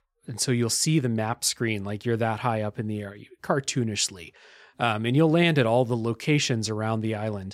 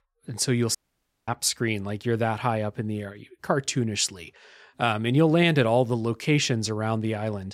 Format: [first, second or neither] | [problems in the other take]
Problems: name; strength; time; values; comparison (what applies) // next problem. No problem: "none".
first | audio cutting out; at 1 s for 0.5 s